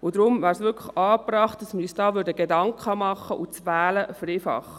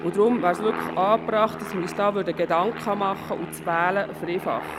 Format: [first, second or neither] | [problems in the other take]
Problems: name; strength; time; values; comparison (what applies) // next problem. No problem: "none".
first | background sound (Aircraft); 10 dB below the speech